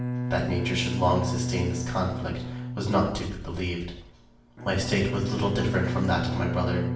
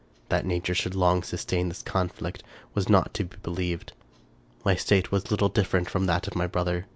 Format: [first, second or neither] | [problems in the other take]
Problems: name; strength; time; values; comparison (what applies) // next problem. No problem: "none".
second | background sound (Bowed string instrument); 3 dB below the speech // room echo; dies away in 0.6 s